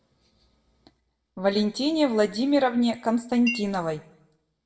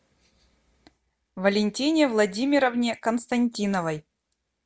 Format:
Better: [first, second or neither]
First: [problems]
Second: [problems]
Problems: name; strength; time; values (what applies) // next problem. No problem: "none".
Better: second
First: background sound (Chink, clink); 11 dB below the speech // room echo; dies away in 0.5 s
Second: none